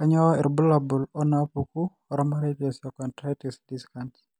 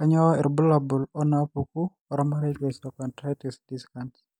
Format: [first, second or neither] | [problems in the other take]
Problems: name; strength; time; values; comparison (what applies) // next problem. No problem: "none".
first | noise reduction (neural mask model DeepFilterNet 3)